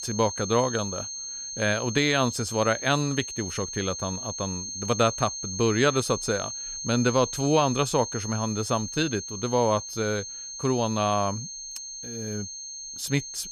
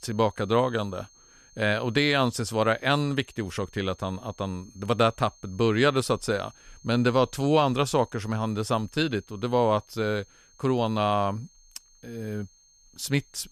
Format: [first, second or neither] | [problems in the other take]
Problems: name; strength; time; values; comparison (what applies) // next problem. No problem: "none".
second | high-pitched whine; loud; throughout; 6.5 kHz, 7 dB below the speech; faint in the second